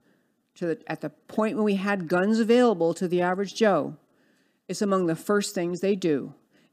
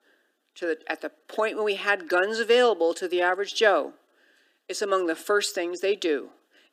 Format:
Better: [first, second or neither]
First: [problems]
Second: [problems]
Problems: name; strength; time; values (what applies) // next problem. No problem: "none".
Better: first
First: none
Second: thin; very; fading below 350 Hz